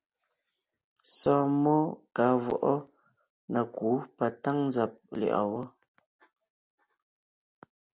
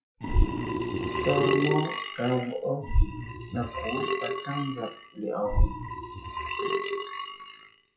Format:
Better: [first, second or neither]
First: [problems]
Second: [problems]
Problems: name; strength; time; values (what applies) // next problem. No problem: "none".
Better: first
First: none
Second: noise reduction (classical method WPE with log-MMSE)